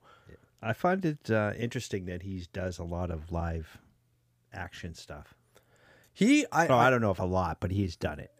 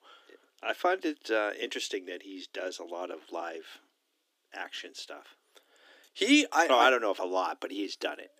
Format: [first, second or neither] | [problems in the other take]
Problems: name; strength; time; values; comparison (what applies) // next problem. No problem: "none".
first | thin; very slightly; fading below 300 Hz